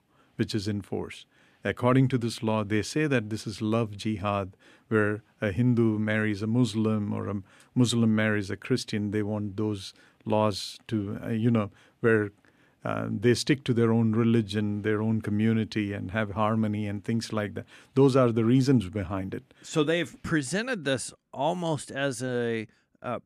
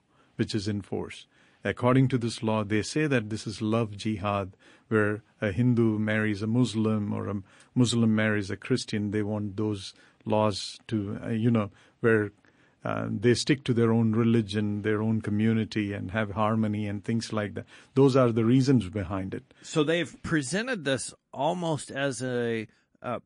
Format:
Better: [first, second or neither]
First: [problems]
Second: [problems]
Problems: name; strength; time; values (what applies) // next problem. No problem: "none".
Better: first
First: none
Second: garbled, watery; slightly; nothing above 10.5 kHz